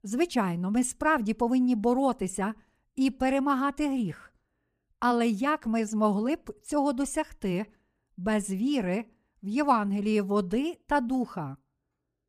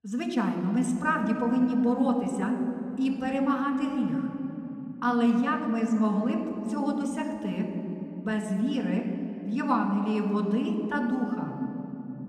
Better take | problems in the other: first | room echo; noticeable; dies away in 3 s

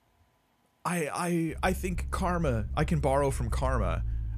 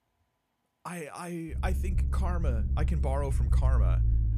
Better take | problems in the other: first | low rumble; loud; from 1.5 s on; 7 dB below the speech; faint in the first

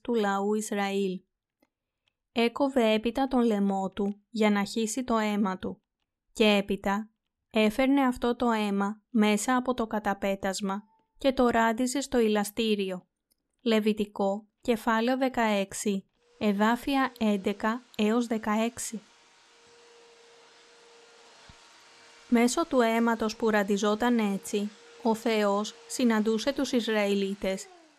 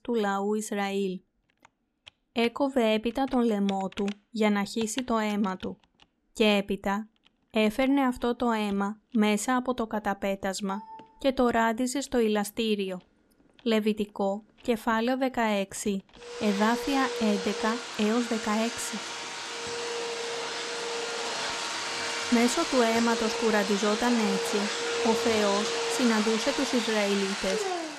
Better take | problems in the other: first | household noises; loud; throughout; 3 dB below the speech; faint in the first

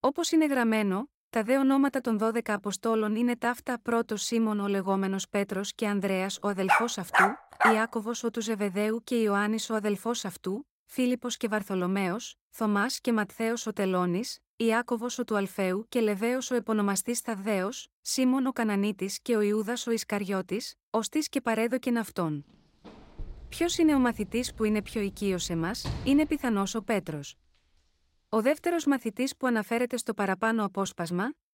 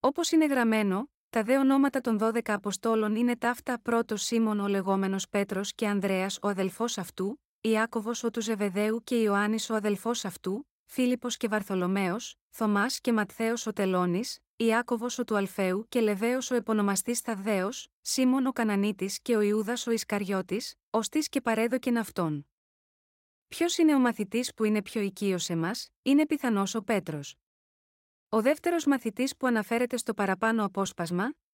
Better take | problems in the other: second | dog barking; loud; from 6.5 to 8 s; peak 5 dB above the speech // door banging; noticeable; from 23 to 26 s; peak 8 dB below the speech

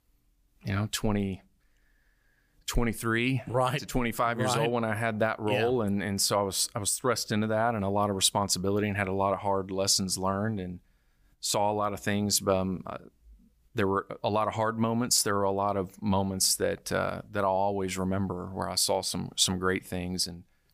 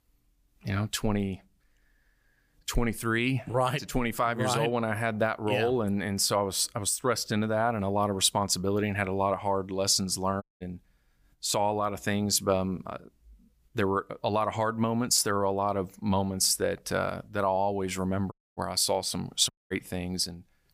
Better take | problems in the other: first | audio cutting out; at 10 s, at 18 s and at 20 s

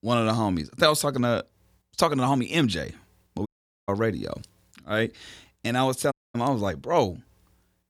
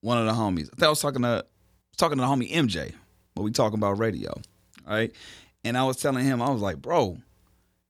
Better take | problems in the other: second | audio cutting out; at 3.5 s and at 6 s

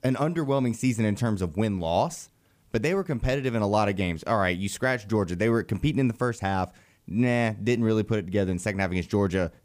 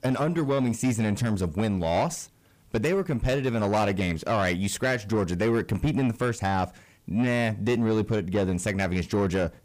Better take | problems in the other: first | distortion; slight; 10 dB below the speech

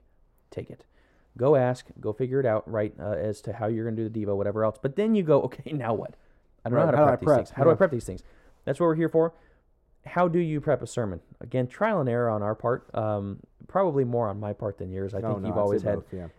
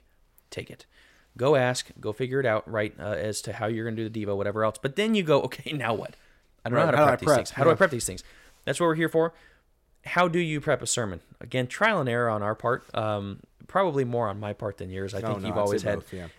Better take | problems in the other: second | muffled; very; fading above 1.5 kHz

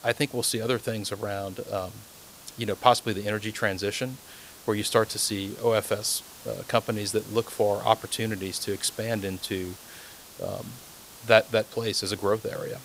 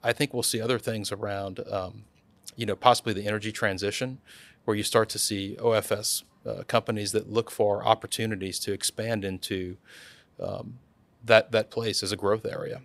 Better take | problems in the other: second | hiss; noticeable; throughout; 20 dB below the speech

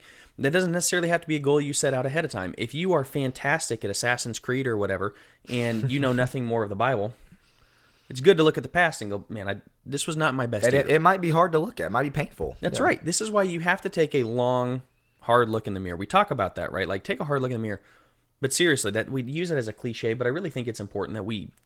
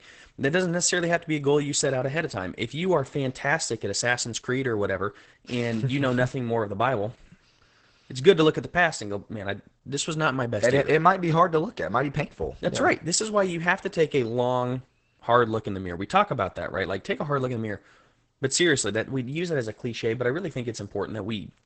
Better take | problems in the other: first | garbled, watery; badly; nothing above 8 kHz; slightly in the first

